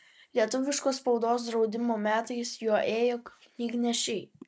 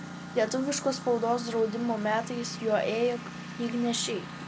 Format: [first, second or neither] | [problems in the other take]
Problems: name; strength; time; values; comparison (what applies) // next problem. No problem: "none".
first | background sound (Engine); 11 dB below the speech